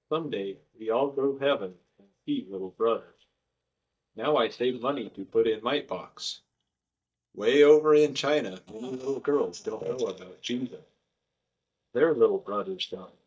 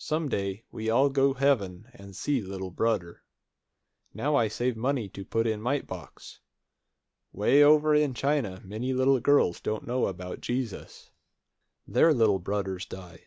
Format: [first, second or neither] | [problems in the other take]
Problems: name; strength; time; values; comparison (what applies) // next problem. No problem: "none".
second | noise reduction (neural mask model DeepFilterNet 3)